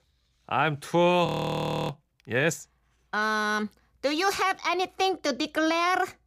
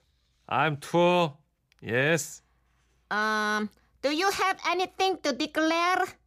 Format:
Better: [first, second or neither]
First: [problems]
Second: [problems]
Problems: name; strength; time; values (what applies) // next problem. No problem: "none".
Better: second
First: audio freezing; at 1.5 s for 0.5 s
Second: none